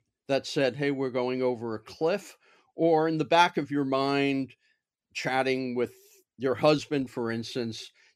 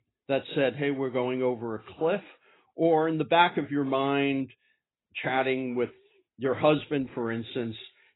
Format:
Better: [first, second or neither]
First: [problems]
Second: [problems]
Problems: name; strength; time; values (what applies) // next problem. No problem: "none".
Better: first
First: none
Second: garbled, watery; badly; nothing above 4 kHz